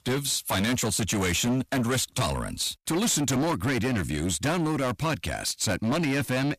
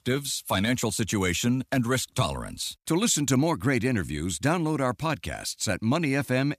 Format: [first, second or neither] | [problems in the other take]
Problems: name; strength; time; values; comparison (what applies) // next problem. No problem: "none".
second | distortion; heavy; 22% of the sound clipped